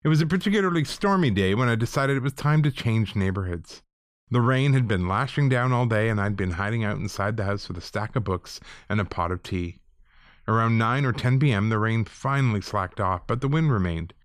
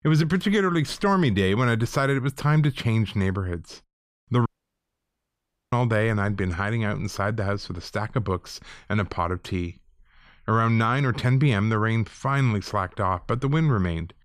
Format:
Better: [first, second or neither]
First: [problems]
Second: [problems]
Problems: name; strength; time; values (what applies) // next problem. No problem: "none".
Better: first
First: none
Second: audio cutting out; at 4.5 s for 1.5 s